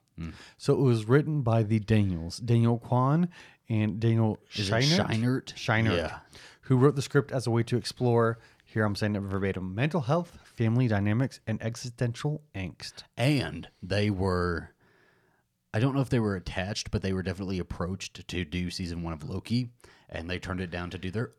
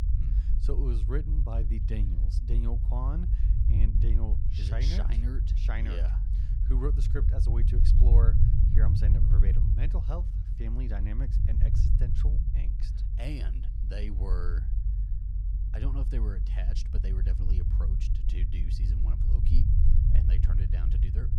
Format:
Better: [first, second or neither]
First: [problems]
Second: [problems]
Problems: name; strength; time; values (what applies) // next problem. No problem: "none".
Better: first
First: none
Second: low rumble; loud; throughout; 2 dB below the speech